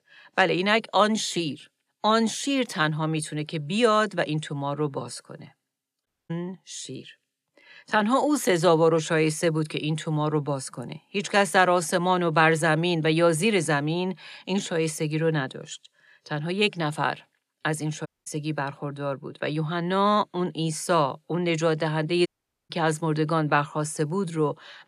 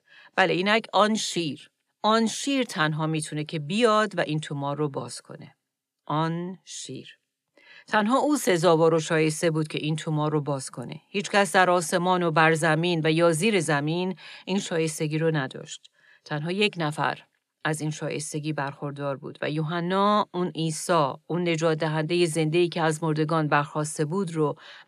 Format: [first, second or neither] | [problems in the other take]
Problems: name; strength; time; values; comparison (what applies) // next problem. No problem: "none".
second | audio cutting out; at 6 s, at 18 s and at 22 s